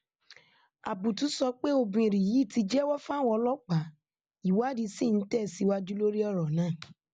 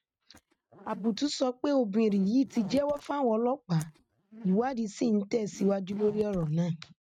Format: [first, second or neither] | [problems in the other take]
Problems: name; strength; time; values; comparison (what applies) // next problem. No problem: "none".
first | noise reduction (neural mask model RNNoise)